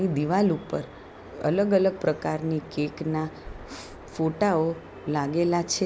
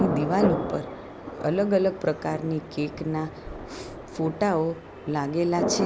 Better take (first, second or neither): first